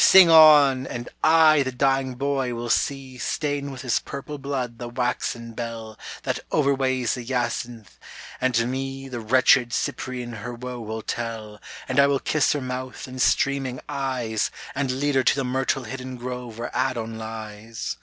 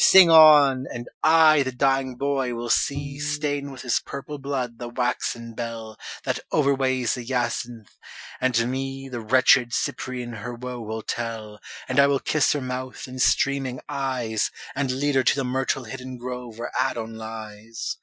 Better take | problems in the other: first | noise reduction (classical method Wiener filter)

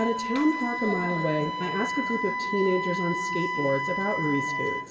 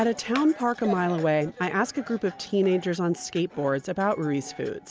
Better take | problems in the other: second | background sound (Wind instrument, woodwind instrument); 2 dB below the speech // room echo; dies away in 1.8 s

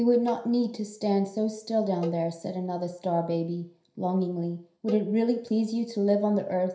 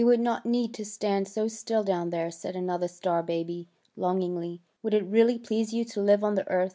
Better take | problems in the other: second | background sound (Cowbell); 17 dB below the speech // room echo; dies away in 0.5 s

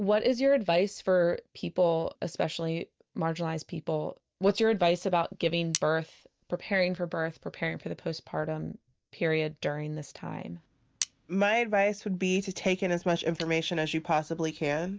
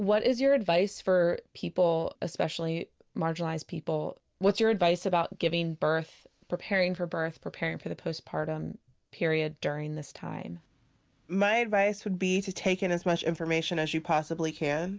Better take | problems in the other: second | noise reduction (neural mask model DeepFilterNet 3)

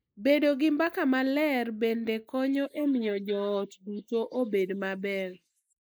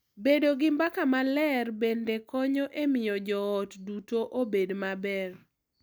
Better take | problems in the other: second | noise reduction (neural mask model Resemble Enhance denoiser)

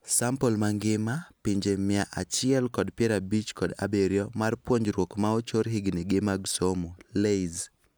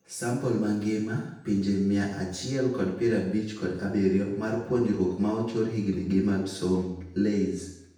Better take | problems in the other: first | room echo; dies away in 0.8 s

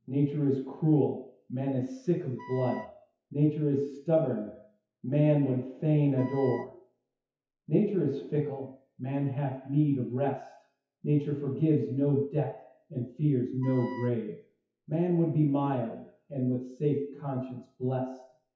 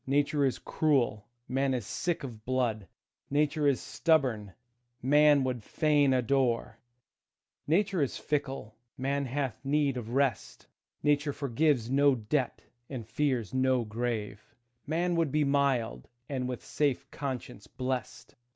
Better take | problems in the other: second | noise reduction (classical method WPE with log-MMSE)

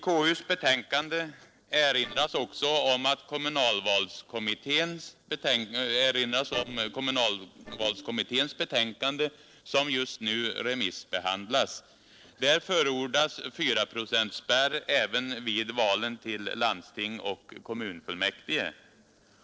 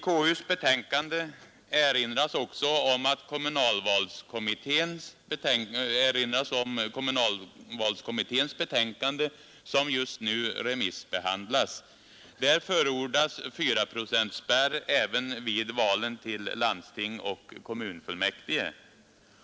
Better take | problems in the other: second | noise reduction (neural separator model SepFormer DNS4)

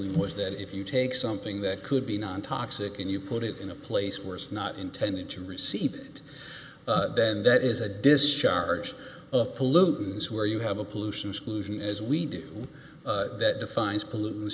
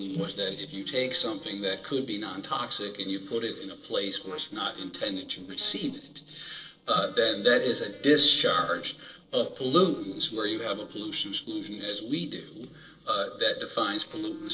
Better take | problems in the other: first | noise reduction (neural separator model SepFormer DNS4)

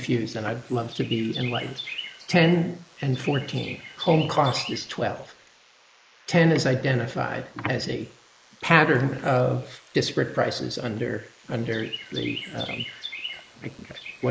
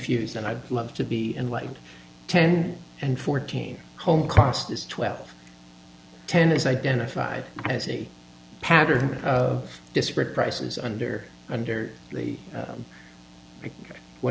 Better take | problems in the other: second | noise reduction (neural mask model Resemble Enhance denoiser)

